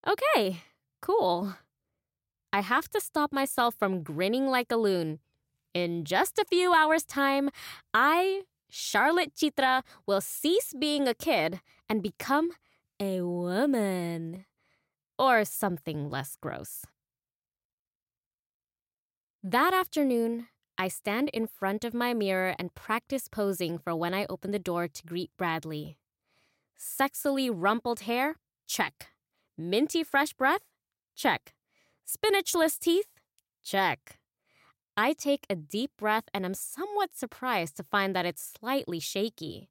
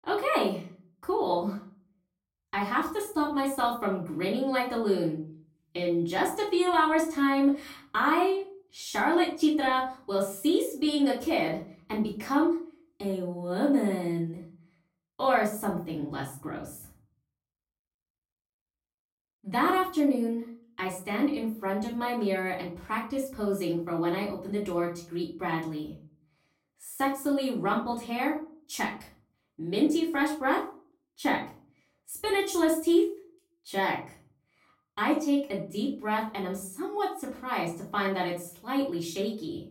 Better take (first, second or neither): first